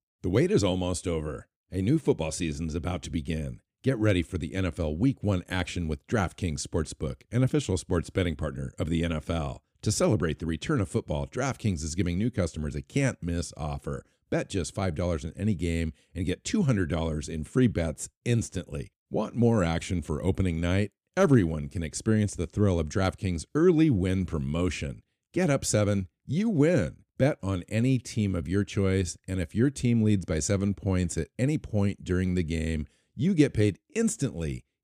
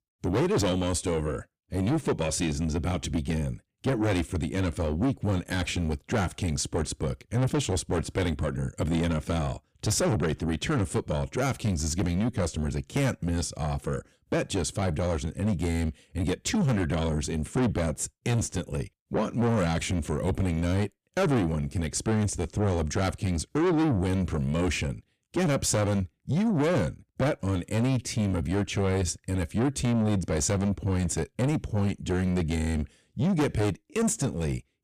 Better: first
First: none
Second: distortion; heavy; 6 dB below the speech

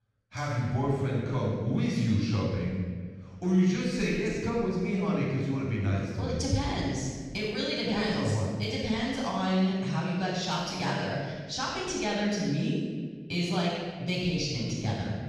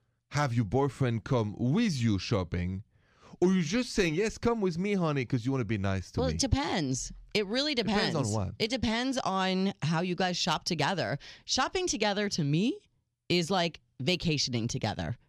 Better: second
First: off-mic speech; far // room echo; strong; dies away in 1.4 s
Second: none

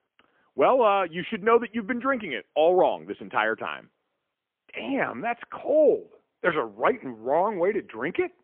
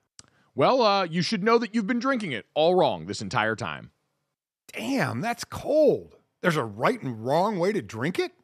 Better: second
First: phone-call audio; poor line; nothing above 3.5 kHz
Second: none

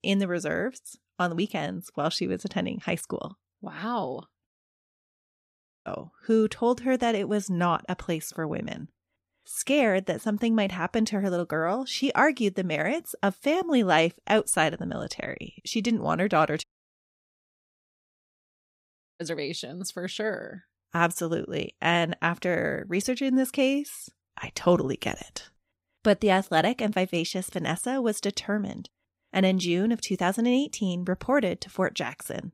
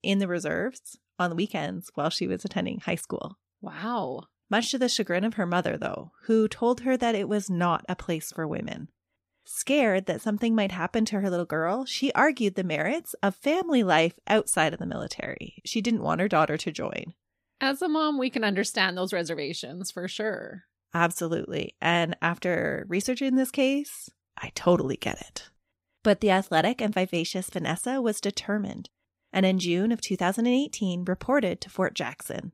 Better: second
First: audio cutting out; at 4.5 s for 1.5 s and at 17 s for 2.5 s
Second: none

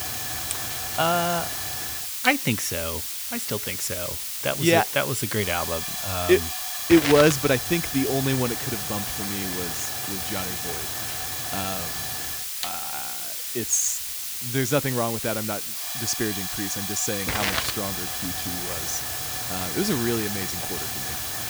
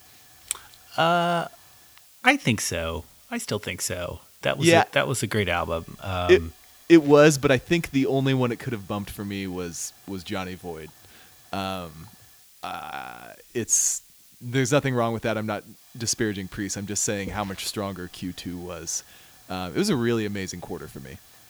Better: second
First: hiss; loud; throughout; 1 dB below the speech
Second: hiss; faint; throughout; 25 dB below the speech

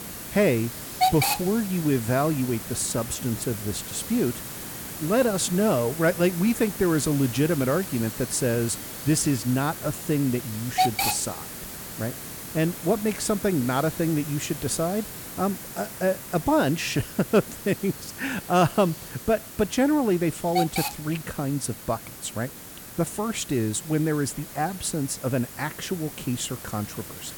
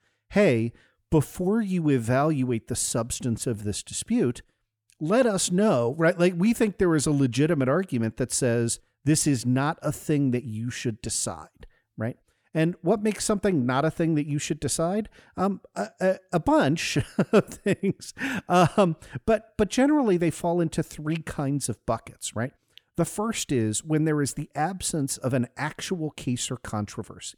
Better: second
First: hiss; loud; throughout; 7 dB below the speech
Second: none

